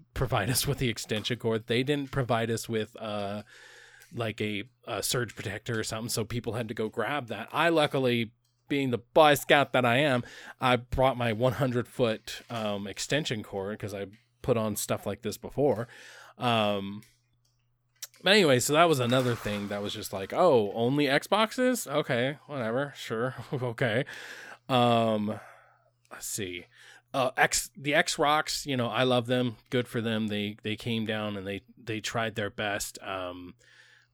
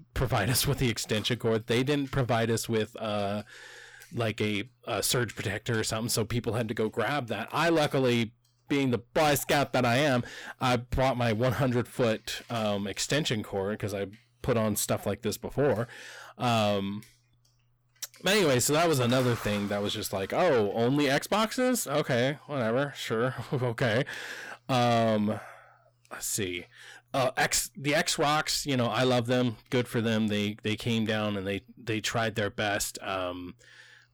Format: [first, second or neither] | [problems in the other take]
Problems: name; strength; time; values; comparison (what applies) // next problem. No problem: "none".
first | distortion; heavy; 8 dB below the speech